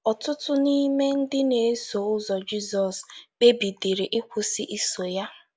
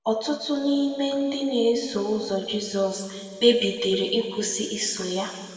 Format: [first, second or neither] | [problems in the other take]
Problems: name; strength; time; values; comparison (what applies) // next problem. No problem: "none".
first | room echo; dies away in 2.3 s